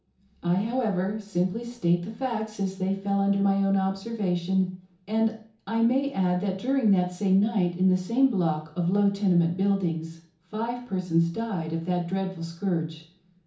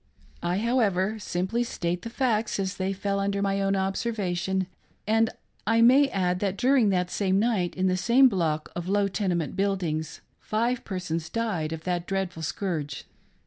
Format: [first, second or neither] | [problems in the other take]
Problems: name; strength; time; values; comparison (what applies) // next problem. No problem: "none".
second | room echo; dies away in 0.7 s